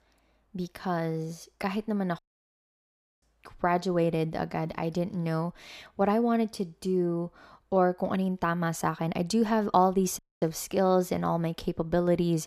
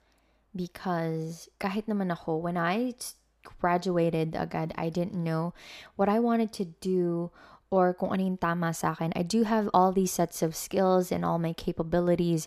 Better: second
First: audio cutting out; at 2 s for 1 s and at 10 s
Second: none

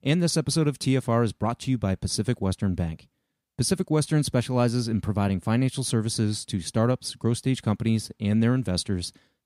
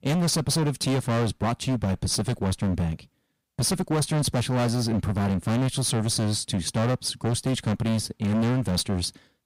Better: first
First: none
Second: distortion; heavy; 24% of the sound clipped

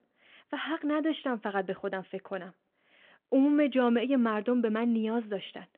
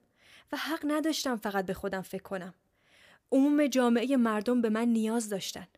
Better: second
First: phone-call audio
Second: none

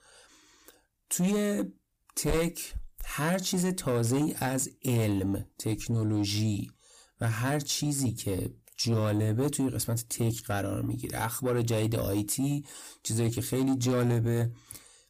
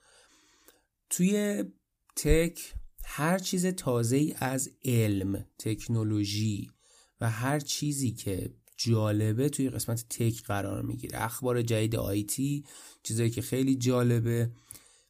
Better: second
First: distortion; slight; 10 dB below the speech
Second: none

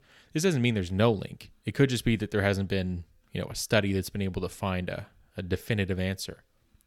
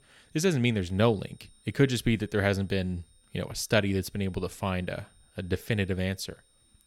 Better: first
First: none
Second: high-pitched whine; faint; throughout; 9 kHz, 35 dB below the speech

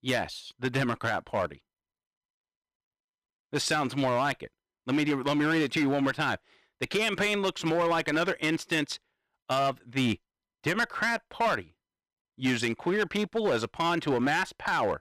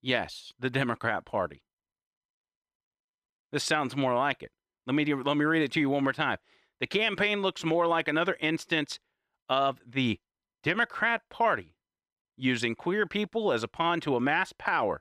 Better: second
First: distortion; slight; 8% of the sound clipped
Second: none

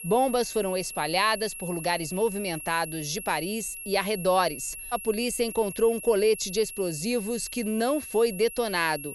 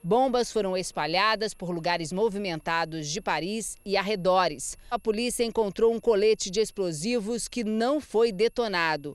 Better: second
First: high-pitched whine; loud; throughout; 11 kHz, 10 dB below the speech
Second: high-pitched whine; faint; throughout; 11 kHz, 35 dB below the speech

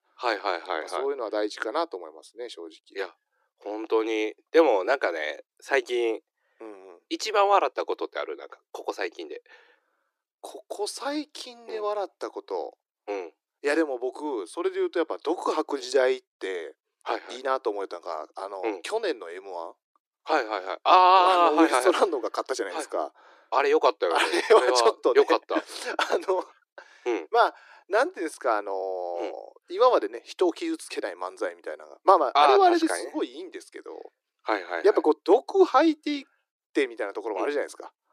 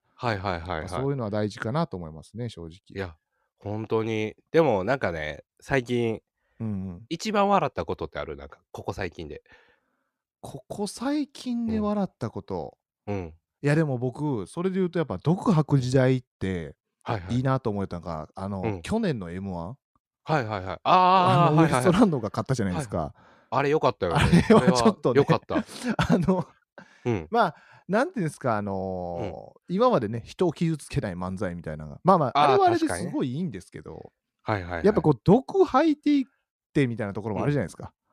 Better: second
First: thin; very; fading below 300 Hz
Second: none

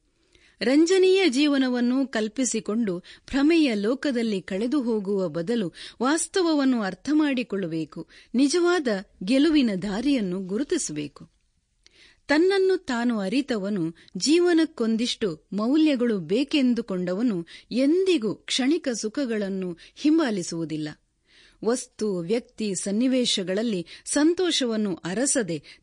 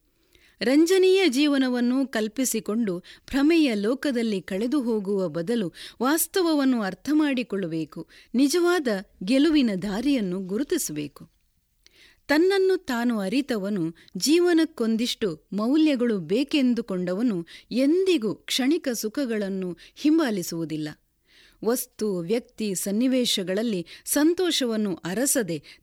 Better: second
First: garbled, watery; slightly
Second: none

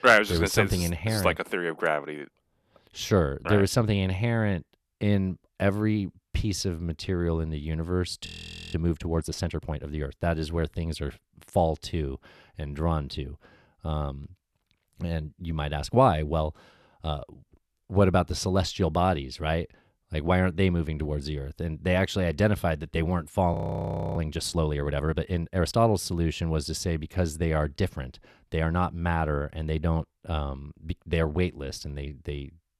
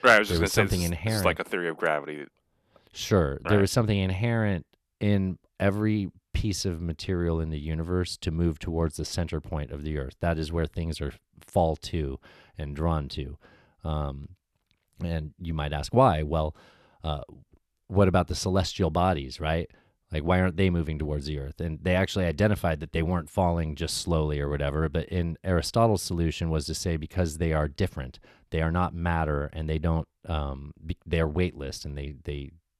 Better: second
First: audio freezing; at 8.5 s and at 24 s for 0.5 s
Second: none

